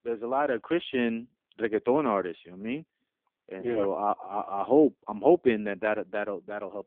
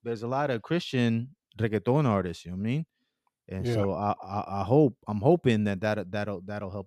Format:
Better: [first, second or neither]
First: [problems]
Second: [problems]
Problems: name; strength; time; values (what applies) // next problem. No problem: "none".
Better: second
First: phone-call audio; poor line; nothing above 3.5 kHz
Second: none